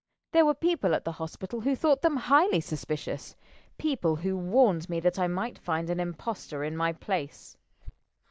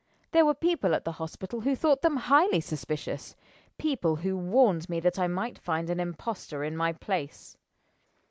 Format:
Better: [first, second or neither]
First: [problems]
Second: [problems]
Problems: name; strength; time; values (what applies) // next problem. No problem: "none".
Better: second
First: noise reduction (neural mask model DeepFilterNet 3)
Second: none